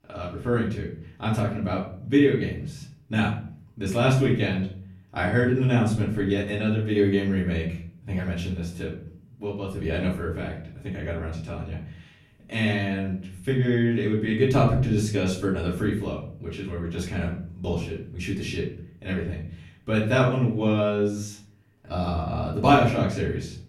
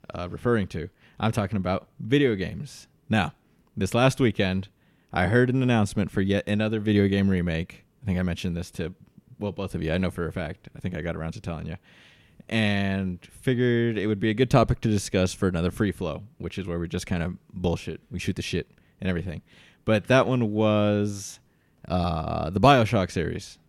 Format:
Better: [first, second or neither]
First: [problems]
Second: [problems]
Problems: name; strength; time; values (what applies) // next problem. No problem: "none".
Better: second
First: room echo; slight; dies away in 0.5 s // off-mic speech; far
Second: none